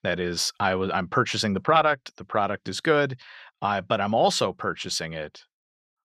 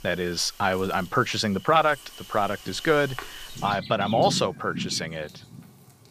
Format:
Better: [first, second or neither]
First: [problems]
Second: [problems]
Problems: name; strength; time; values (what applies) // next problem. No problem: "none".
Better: first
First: none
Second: animal sounds; noticeable; throughout; 15 dB below the speech